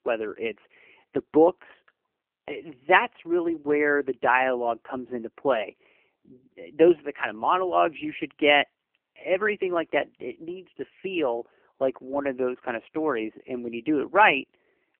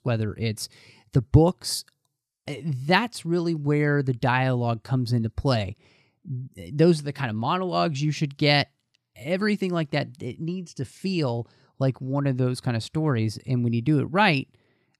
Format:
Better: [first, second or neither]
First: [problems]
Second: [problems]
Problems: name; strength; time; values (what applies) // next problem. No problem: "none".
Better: second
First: phone-call audio; poor line; nothing above 3 kHz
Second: none